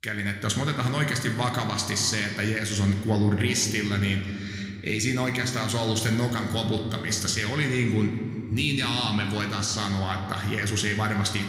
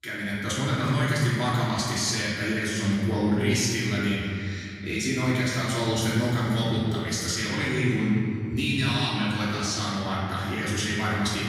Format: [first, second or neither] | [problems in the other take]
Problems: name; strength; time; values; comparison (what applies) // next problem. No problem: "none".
first | room echo; strong; dies away in 2.2 s; slight in the first // off-mic speech; far